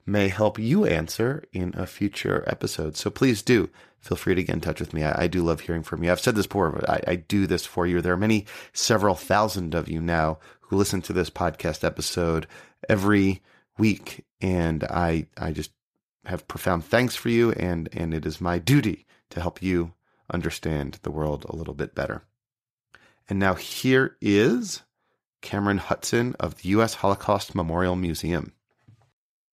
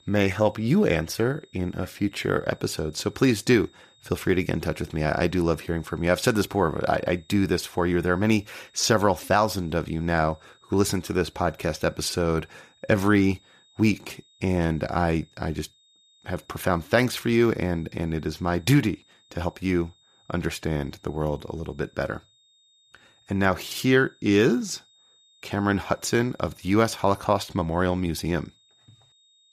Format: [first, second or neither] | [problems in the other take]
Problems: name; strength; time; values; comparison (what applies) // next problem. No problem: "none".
first | high-pitched whine; faint; throughout; 3.5 kHz, 30 dB below the speech